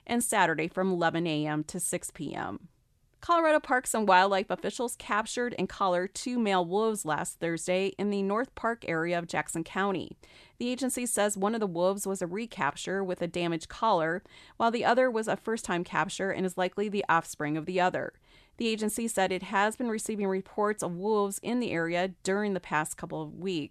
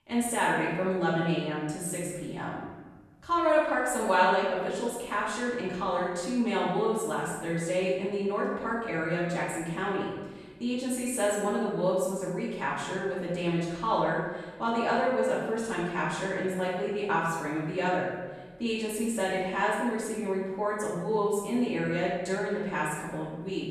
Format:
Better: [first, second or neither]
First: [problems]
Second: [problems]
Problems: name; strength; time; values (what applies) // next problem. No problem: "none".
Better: first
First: none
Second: off-mic speech; far // room echo; strong; dies away in 1.2 s